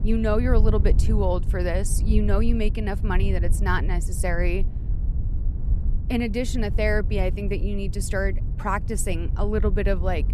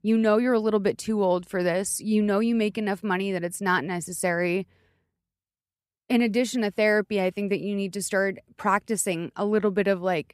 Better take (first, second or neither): second